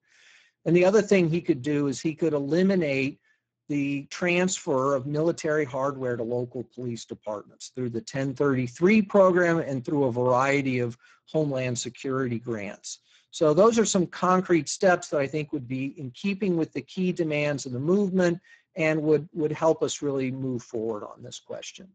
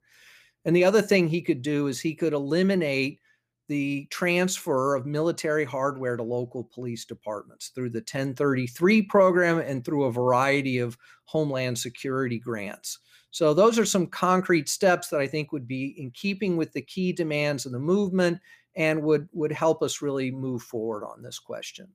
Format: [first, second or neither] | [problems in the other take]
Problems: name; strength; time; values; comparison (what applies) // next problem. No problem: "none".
second | garbled, watery; badly; nothing above 7.5 kHz